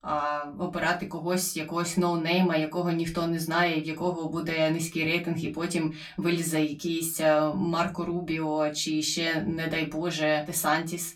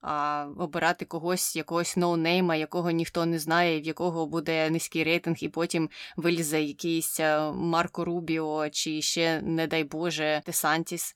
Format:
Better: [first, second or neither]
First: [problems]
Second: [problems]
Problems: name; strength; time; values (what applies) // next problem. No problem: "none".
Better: second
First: off-mic speech; far // room echo; very slight; dies away in 0.2 s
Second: none